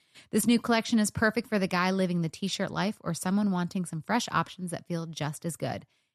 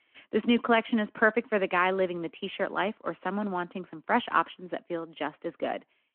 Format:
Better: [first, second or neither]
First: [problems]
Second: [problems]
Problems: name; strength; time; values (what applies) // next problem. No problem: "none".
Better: first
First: none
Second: phone-call audio